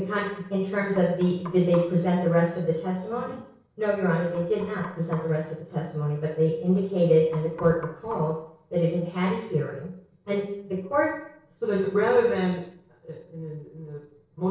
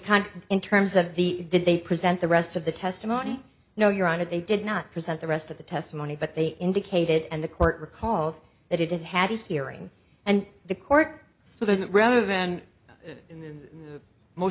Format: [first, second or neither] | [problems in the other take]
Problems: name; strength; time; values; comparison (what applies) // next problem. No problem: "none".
second | noise reduction (neural separator model SepFormer DNS4)